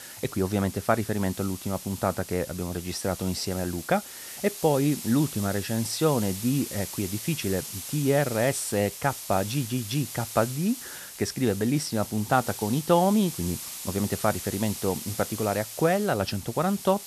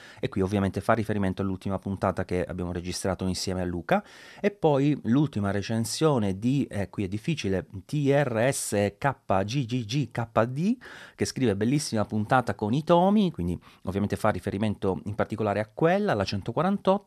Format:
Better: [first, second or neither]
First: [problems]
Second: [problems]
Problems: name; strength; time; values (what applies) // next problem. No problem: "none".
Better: second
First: hiss; loud; throughout; 9 dB below the speech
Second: none